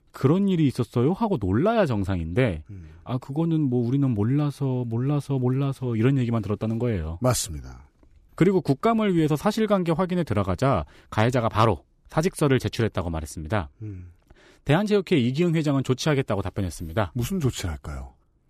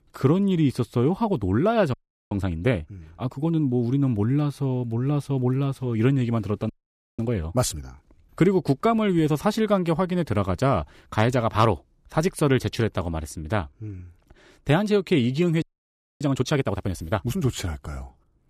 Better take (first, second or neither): first